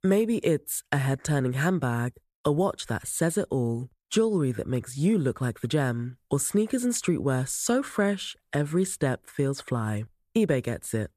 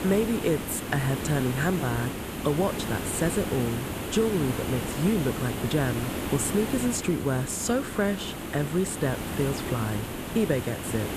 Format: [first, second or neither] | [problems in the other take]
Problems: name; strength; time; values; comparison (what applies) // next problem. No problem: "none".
first | hiss; loud; throughout; 5 dB below the speech